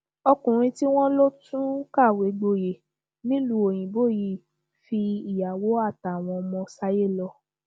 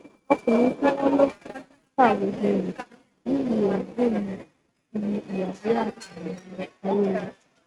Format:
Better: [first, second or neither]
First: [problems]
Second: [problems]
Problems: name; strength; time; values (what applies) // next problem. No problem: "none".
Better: first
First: none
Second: noise reduction (neural mask model RNNoise)